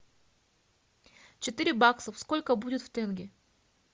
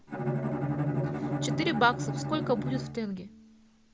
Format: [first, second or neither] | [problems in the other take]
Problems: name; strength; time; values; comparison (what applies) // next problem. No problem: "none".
first | background sound (Bowed string instrument); as loud as the speech